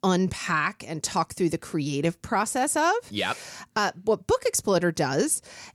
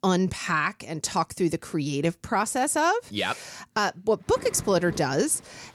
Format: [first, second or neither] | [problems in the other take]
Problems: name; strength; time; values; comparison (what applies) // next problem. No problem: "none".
first | rain or running water; noticeable; from 4.5 s on; 15 dB below the speech